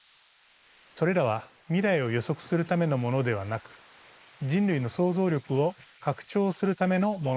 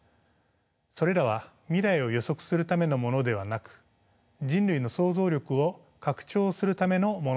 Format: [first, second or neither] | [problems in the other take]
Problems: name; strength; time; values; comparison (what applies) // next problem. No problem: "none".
second | noise reduction (neural mask model Resemble Enhance denoiser)